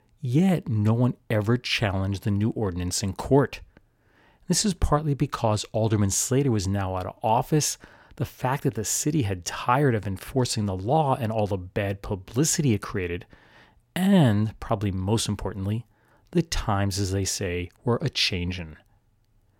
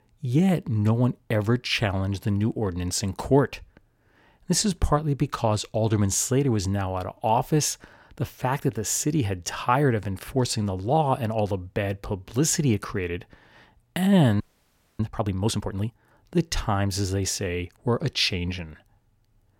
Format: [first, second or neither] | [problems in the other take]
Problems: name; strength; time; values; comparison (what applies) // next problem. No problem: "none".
first | audio freezing; at 14 s for 0.5 s